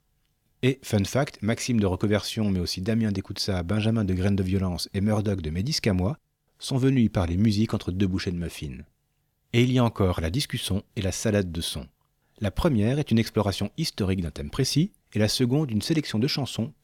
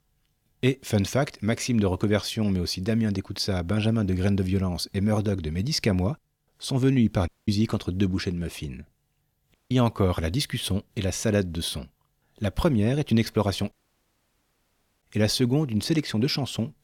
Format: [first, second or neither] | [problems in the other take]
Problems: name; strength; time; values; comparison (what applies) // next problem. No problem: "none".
first | audio cutting out; at 7.5 s, at 9.5 s and at 14 s for 1.5 s